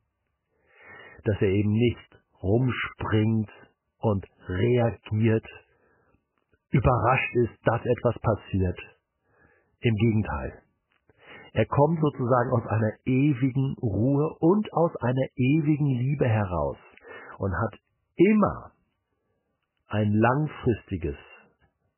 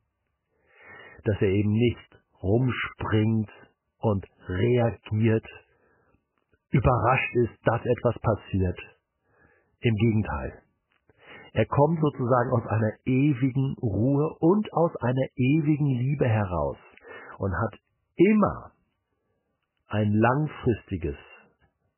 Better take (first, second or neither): neither